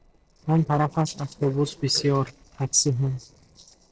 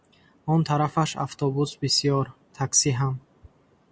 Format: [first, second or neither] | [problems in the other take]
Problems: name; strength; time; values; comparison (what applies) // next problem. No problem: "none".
second | noise reduction (neural separator model SepFormer DNS4)